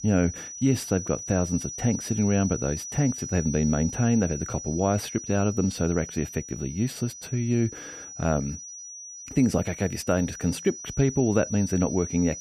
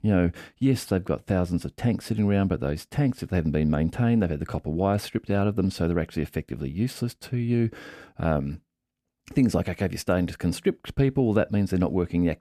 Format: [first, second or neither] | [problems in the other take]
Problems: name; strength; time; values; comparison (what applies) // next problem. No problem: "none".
second | high-pitched whine; loud; throughout; 6 kHz, 10 dB below the speech